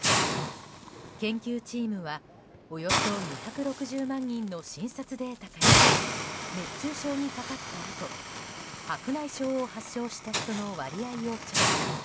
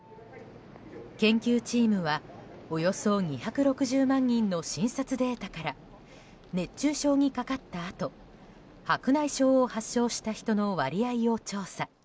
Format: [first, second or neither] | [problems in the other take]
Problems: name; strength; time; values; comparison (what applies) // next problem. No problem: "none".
second | background sound (Hiss); 4 dB above the speech